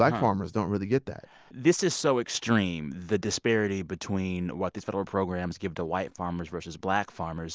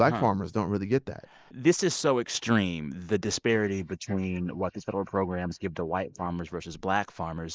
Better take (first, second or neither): first